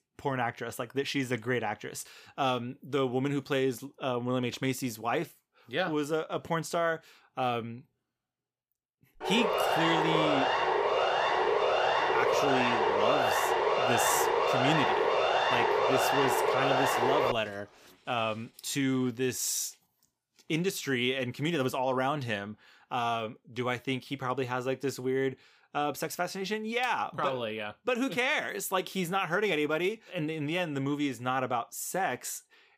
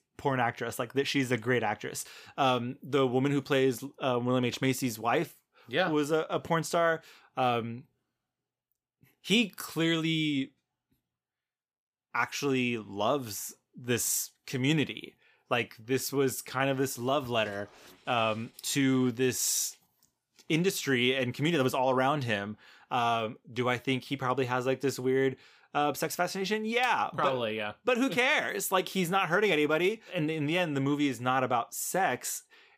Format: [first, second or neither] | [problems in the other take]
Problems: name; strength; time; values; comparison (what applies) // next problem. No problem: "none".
second | siren; loud; from 9 to 17 s; peak 5 dB above the speech